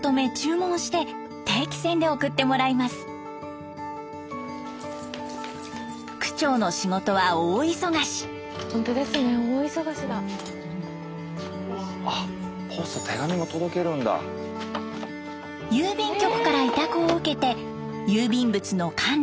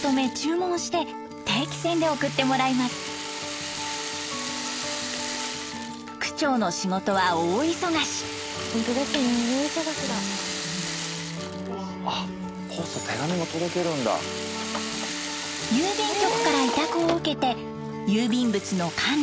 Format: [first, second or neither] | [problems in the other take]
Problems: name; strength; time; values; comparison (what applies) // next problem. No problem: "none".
first | background sound (Rattle (instrument)); 9 dB below the speech